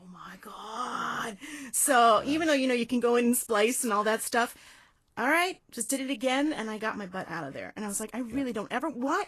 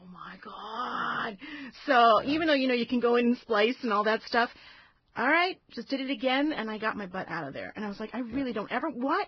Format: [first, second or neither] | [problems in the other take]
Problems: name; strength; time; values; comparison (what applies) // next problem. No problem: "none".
first | garbled, watery; badly; nothing above 5 kHz; slightly in the first